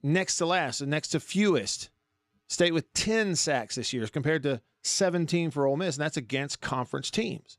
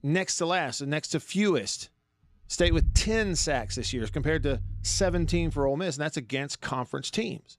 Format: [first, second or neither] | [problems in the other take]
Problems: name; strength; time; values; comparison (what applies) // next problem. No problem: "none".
first | low rumble; faint; throughout; 20 dB below the speech